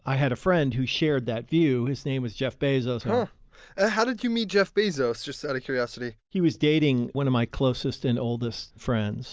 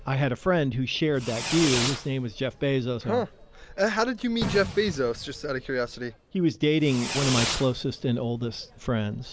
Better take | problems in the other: first | background sound (Fireworks); 9 dB below the speech

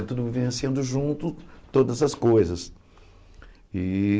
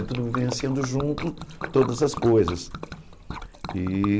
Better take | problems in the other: first | background sound (Liquid); 11 dB below the speech

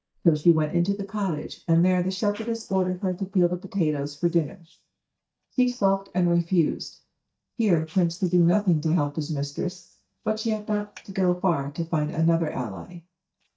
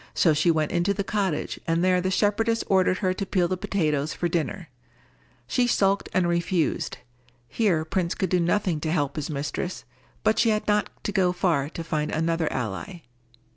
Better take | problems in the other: second | noise reduction (neural mask model DeepFilterNet 3)

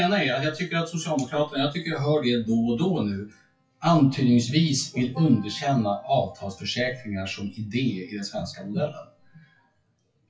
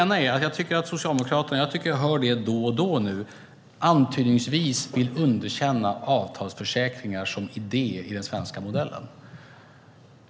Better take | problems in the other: second | noise reduction (classical method WPE with log-MMSE)

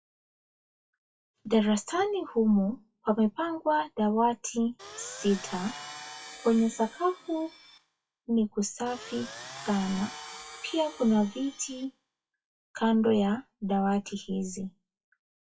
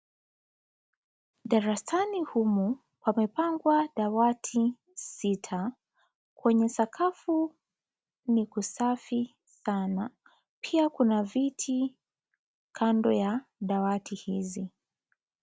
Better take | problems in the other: second | noise reduction (classical method WPE with log-MMSE)

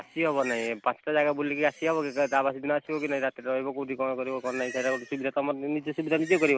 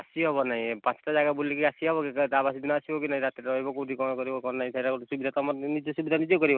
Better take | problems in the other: second | background sound (Livestock, farm animals, working animals); 18 dB below the speech

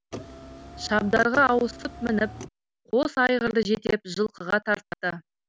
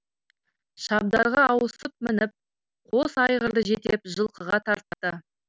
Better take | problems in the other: second | background sound (Car); 14 dB below the speech

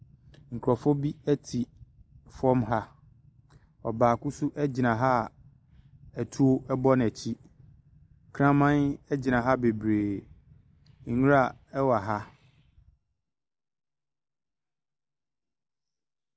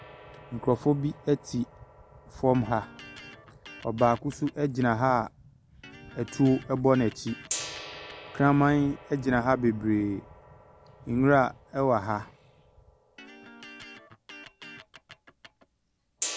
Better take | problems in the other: first | background sound (Electric guitar + Gong); 16 dB below the speech

